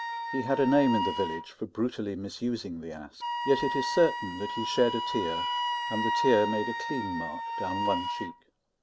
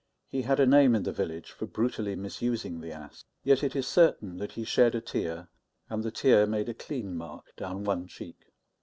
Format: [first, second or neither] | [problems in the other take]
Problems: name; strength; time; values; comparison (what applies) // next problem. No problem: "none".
second | background sound (Wind instrument, woodwind instrument); 3 dB below the speech